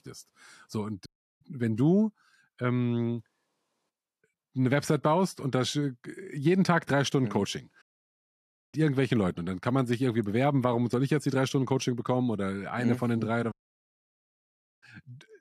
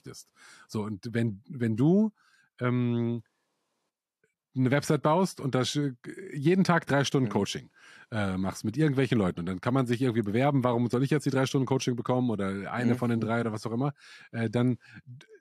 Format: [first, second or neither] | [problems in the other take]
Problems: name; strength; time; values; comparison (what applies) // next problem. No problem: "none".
second | audio cutting out; at 1 s, at 8 s for 1 s and at 14 s for 1.5 s